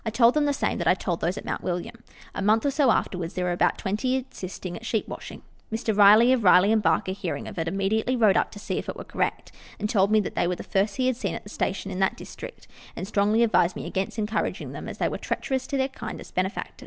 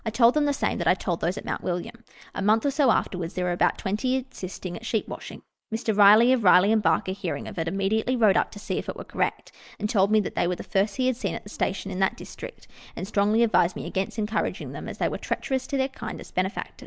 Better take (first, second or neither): first